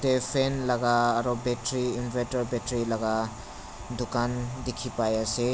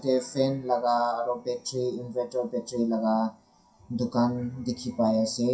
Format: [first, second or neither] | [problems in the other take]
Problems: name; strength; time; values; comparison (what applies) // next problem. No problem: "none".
first | noise reduction (classical method WPE with log-MMSE)